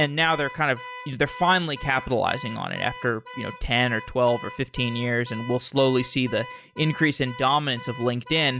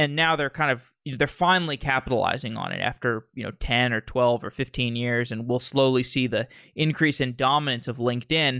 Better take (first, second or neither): second